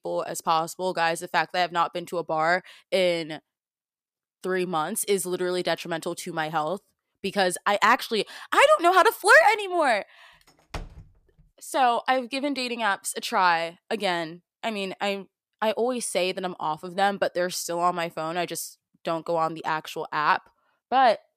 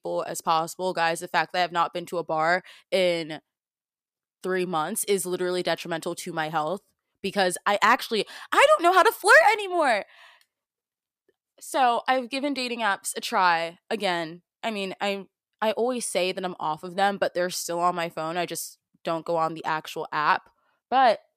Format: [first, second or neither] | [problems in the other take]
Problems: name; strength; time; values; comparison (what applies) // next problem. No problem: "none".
second | door banging; faint; at 11 s; peak 15 dB below the speech